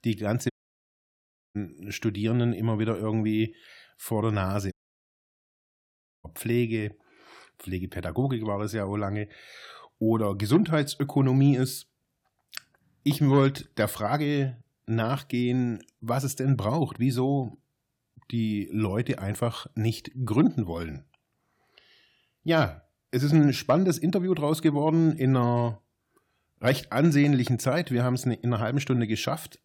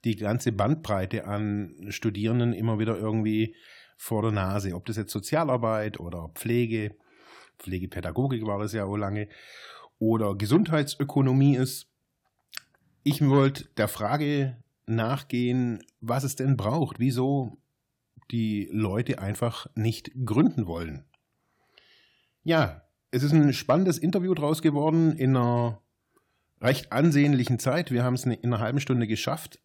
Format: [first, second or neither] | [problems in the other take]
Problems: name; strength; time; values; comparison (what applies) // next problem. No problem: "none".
second | audio cutting out; at 0.5 s for 1 s and at 4.5 s for 1.5 s